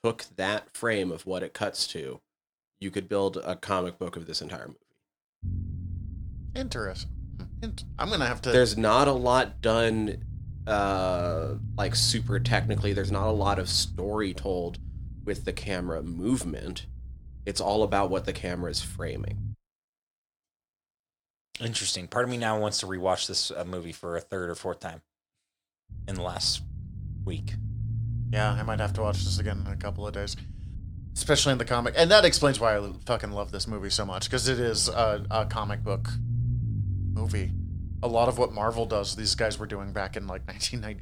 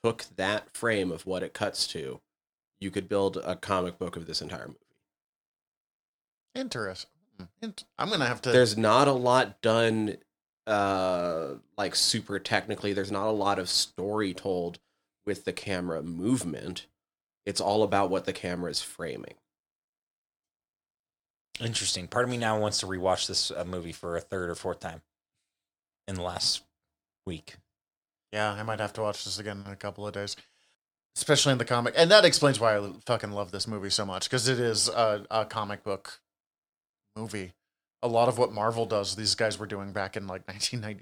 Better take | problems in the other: second | low rumble; faint; from 5.5 to 20 s and from 26 s on; 20 dB below the speech

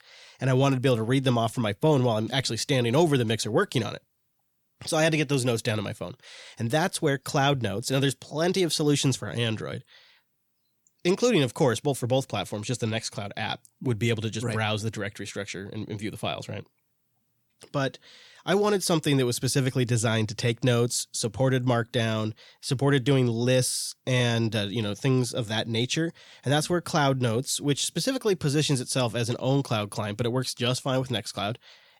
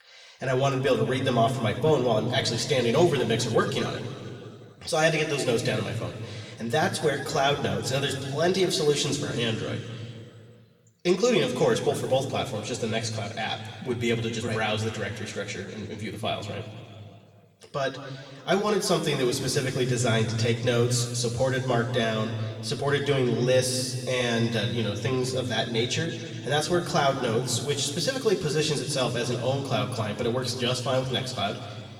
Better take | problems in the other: first | room echo; slight; dies away in 2.3 s // off-mic speech; somewhat distant

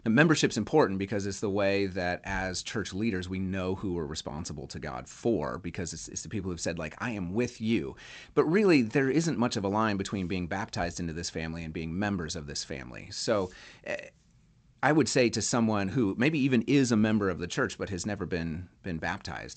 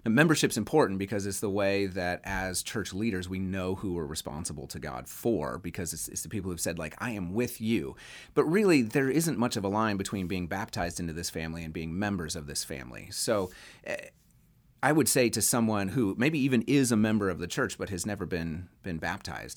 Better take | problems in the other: second | garbled, watery; slightly; nothing above 8 kHz

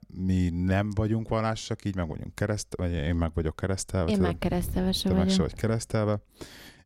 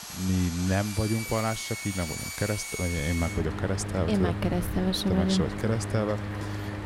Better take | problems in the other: first | machinery noise; loud; throughout; 6 dB below the speech

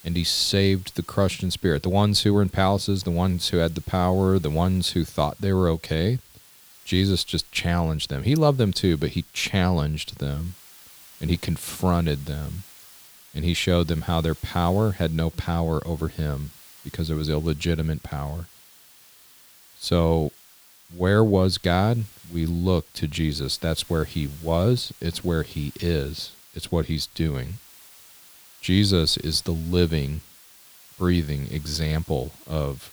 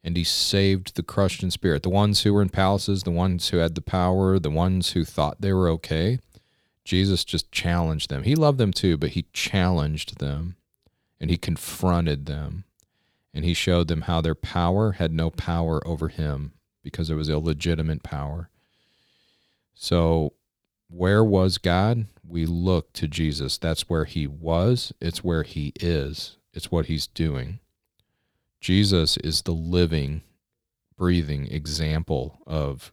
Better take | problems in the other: second | hiss; faint; throughout; 25 dB below the speech

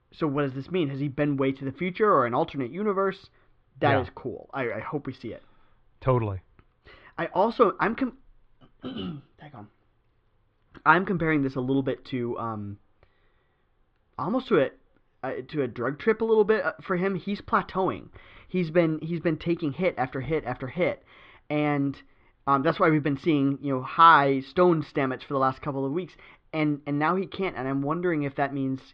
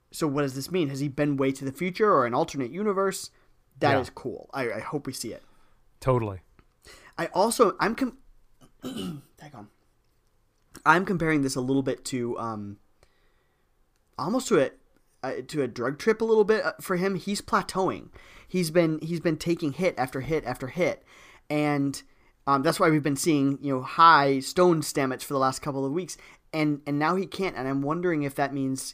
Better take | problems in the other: second | muffled; very; fading above 3.5 kHz

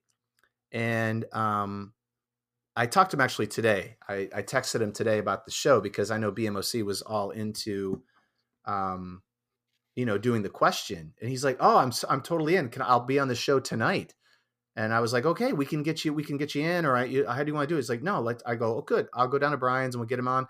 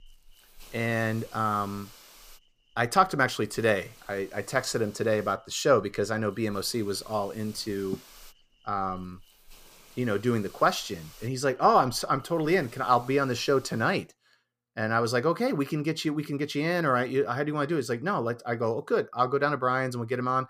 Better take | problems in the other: first | hiss; faint; until 14 s; 25 dB below the speech

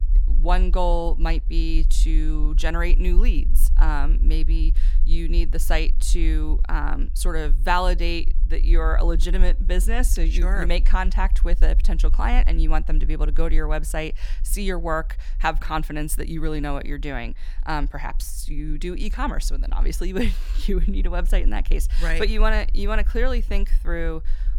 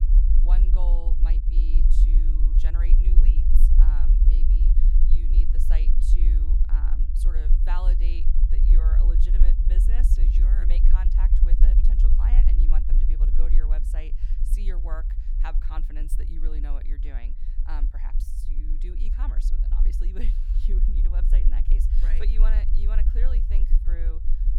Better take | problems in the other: first | low rumble; loud; throughout; 2 dB below the speech; faint in the first

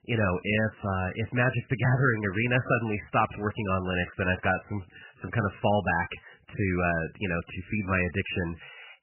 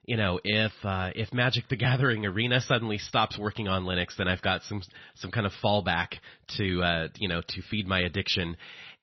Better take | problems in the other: second | garbled, watery; badly; nothing above 3 kHz; slightly in the second

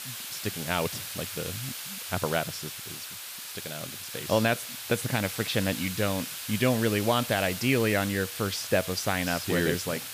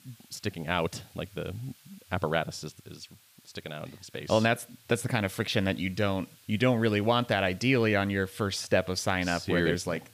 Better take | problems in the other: second | hiss; loud; throughout; 7 dB below the speech; faint in the second

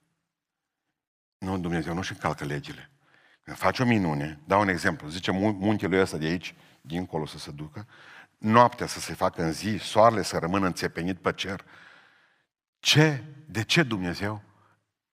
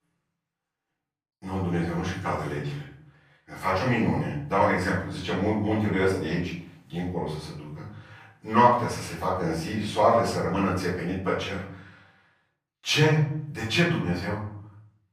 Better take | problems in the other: first | off-mic speech; far // room echo; noticeable; dies away in 0.6 s

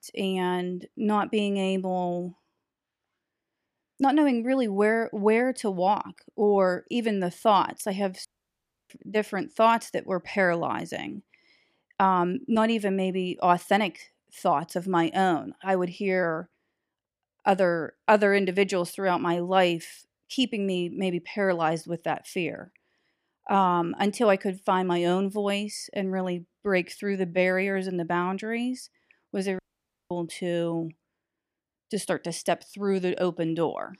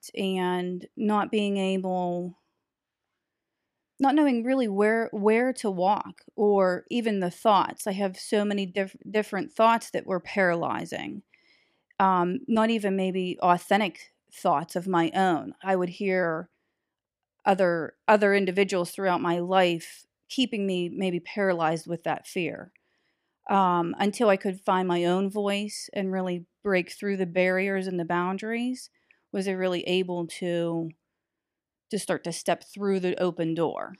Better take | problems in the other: second | audio cutting out; at 8.5 s for 0.5 s and at 30 s for 0.5 s

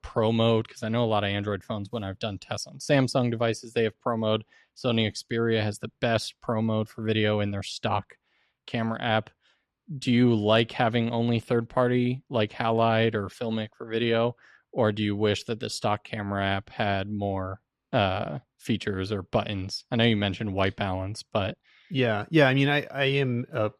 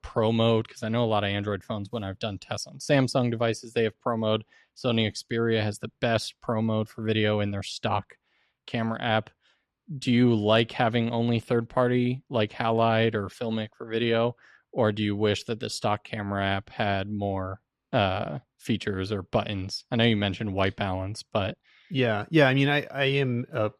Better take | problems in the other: neither | none

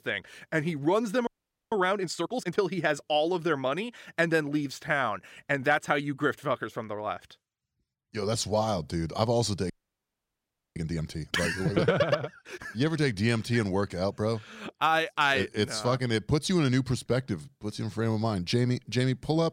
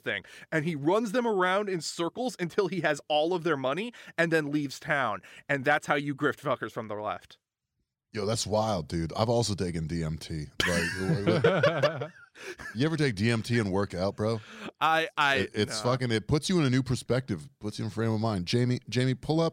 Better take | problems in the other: second | audio freezing; at 1.5 s and at 9.5 s for 1 s

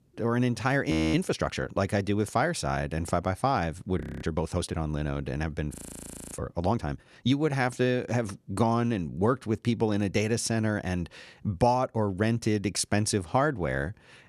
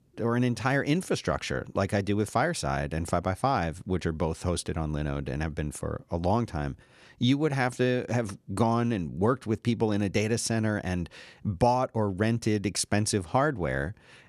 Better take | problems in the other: second | audio freezing; at 1 s, at 4 s and at 5.5 s for 0.5 s

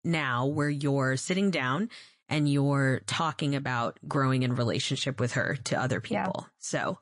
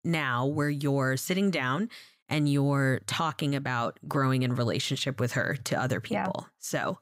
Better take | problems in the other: second | garbled, watery; slightly; nothing above 10.5 kHz

